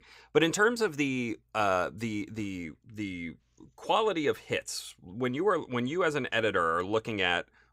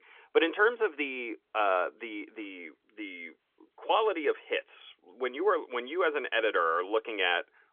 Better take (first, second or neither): first